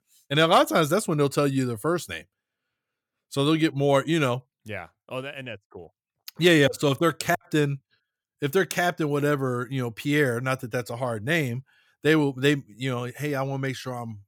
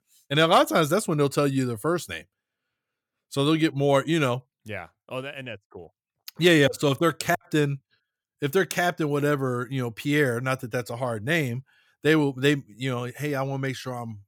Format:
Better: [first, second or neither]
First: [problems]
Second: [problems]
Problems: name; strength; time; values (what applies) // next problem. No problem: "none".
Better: neither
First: none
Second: none